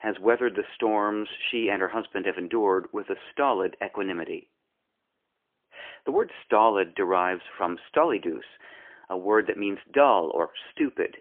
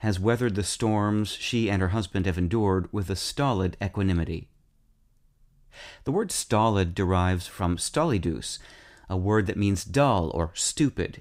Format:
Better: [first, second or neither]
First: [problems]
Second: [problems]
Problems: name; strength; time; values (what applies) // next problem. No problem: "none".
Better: second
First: phone-call audio; poor line; nothing above 3 kHz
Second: none